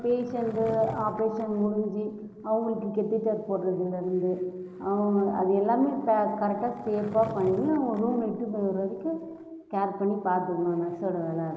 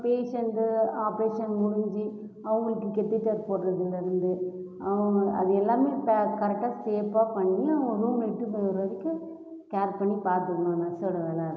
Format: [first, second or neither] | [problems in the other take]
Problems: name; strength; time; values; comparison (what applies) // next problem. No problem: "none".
second | background sound (Skateboard); 19 dB below the speech